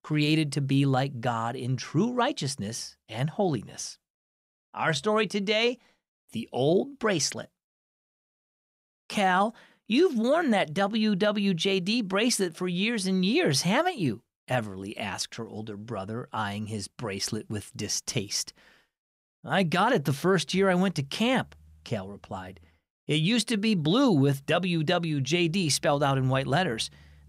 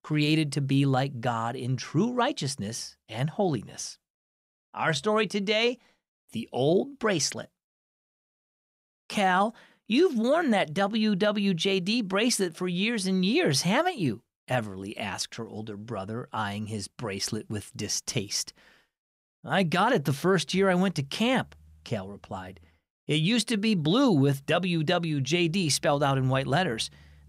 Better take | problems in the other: neither | none

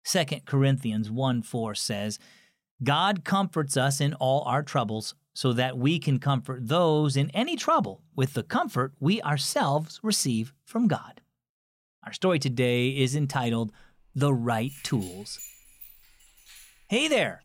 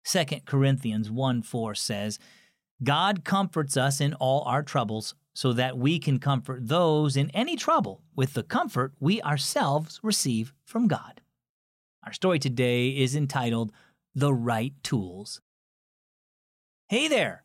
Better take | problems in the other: second | jangling keys; faint; from 13 s on; peak 15 dB below the speech

